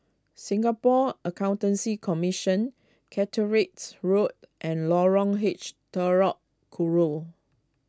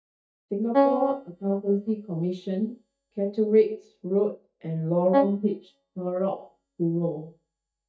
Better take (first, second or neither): first